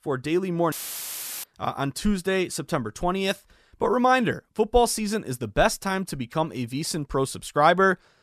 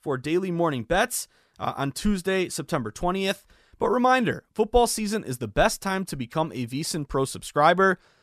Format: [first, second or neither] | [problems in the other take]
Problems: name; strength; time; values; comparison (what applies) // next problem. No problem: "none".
second | audio cutting out; filled with static; at 0.5 s for 0.5 s